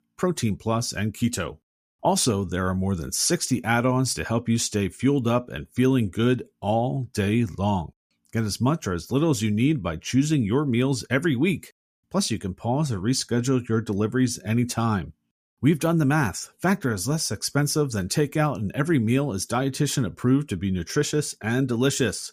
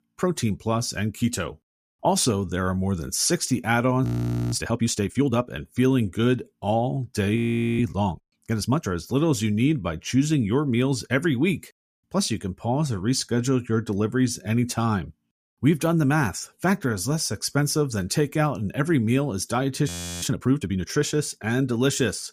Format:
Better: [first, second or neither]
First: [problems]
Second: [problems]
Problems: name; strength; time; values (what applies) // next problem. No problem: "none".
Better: first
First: none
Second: audio freezing; at 4 s, at 7.5 s and at 20 s